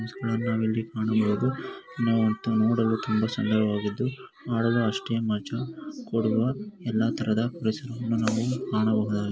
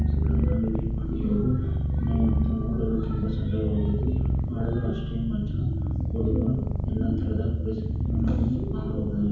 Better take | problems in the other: first | background sound (Purr); 3 dB above the speech // room echo; dies away in 2.2 s

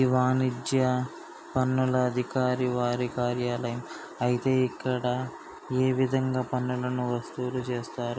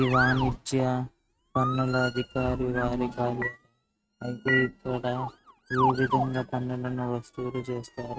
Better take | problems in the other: first | noise reduction (neural mask model RNNoise)

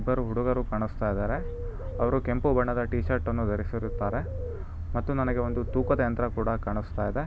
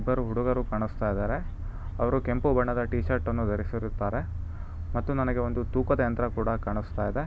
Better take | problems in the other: second | background sound (Bird); 13 dB below the speech

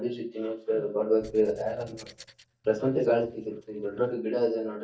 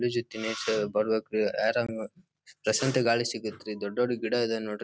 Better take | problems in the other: second | noise reduction (neural mask model DeepFilterNet 3)

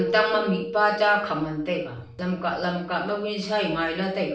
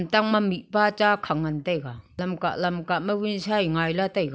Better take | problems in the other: second | background sound (Keyboard (musical)); 11 dB below the speech // room echo; dies away in 0.5 s

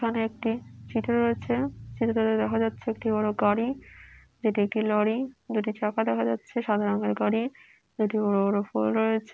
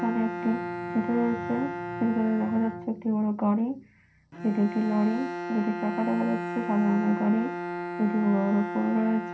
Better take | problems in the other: first | background sound (Bowed string instrument); 7 dB below the speech // room echo; dies away in 0.3 s

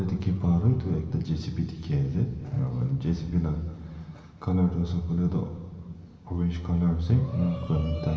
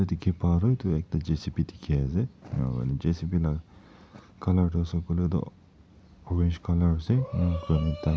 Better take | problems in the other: second | room echo; dies away in 2.3 s

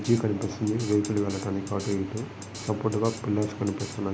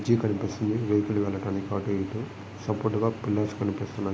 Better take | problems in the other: second | background sound (Drum kit); 18 dB below the speech

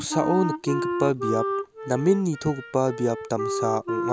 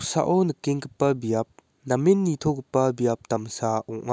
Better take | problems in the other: second | background sound (Wind instrument, woodwind instrument); 4 dB below the speech

